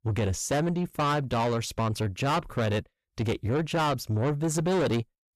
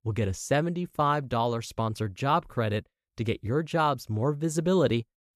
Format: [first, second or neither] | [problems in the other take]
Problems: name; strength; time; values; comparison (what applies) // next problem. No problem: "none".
second | distortion; heavy; 8 dB below the speech